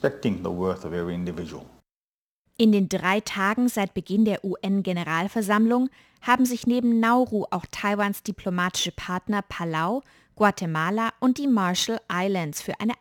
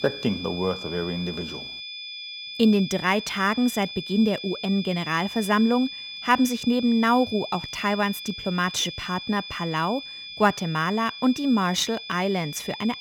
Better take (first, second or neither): first